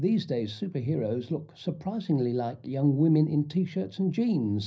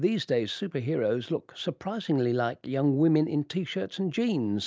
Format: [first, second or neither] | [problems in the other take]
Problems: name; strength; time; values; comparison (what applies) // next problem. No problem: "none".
second | room echo; dies away in 0.4 s